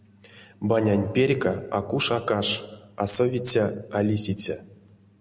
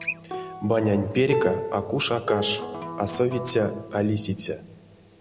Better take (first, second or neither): first